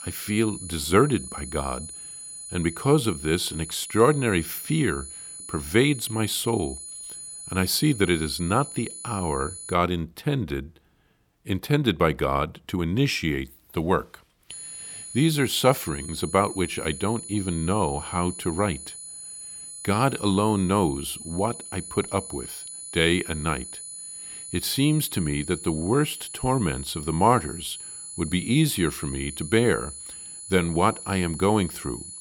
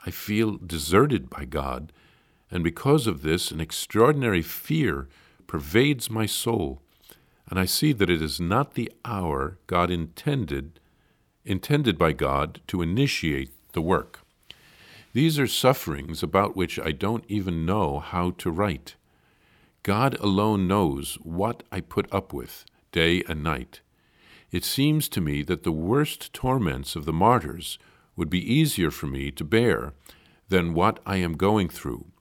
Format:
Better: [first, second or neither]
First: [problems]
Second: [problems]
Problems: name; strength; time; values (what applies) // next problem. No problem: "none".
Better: second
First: high-pitched whine; noticeable; until 9.5 s and from 15 s on; 10 kHz, 10 dB below the speech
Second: none